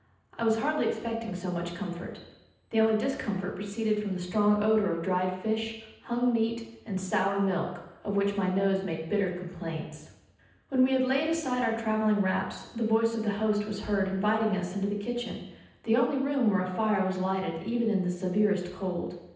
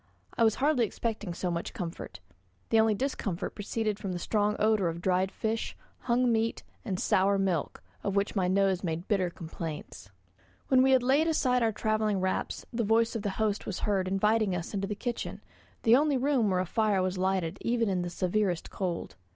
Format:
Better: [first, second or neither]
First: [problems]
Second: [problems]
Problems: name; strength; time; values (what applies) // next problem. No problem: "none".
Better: second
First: room echo; dies away in 0.9 s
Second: none